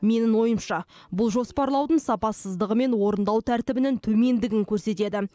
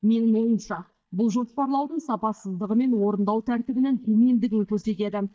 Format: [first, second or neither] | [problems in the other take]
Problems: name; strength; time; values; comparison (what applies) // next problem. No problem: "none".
first | noise reduction (neural mask model DeepFilterNet 3)